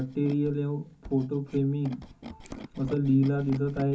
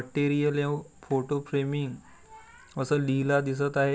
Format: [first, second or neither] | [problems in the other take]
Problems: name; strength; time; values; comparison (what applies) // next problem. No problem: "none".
second | background sound (Tools); 16 dB below the speech // room echo; dies away in 0.3 s